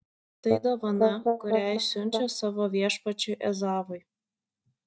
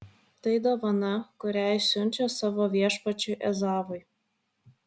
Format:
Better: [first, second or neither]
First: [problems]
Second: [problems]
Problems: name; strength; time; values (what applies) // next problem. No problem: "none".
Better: second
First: noise reduction (neural mask model DeepFilterNet 3)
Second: none